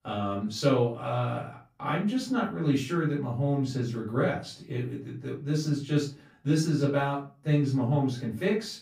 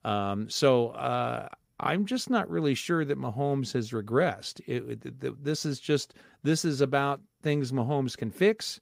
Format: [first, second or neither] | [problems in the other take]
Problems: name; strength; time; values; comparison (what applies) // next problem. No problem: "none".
second | off-mic speech; far // room echo; slight; dies away in 0.3 s